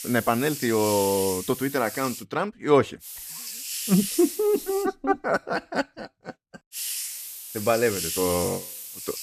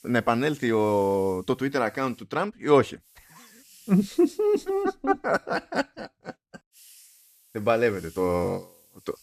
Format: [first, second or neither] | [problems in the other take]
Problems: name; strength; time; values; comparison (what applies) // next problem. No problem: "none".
second | hiss; loud; until 2 s, from 3 to 5 s and from 7 s on; 7 dB below the speech; faint in the second